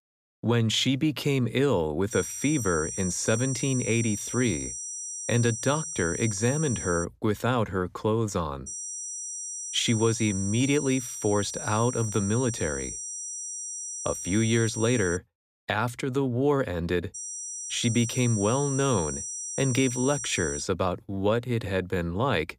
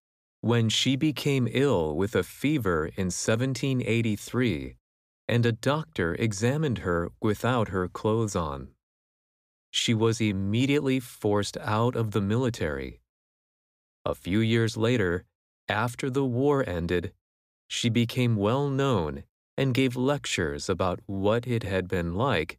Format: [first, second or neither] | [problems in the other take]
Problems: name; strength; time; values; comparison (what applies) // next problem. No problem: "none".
second | high-pitched whine; loud; from 2 to 7 s, from 8.5 to 15 s and from 17 to 21 s; 6 kHz, 6 dB below the speech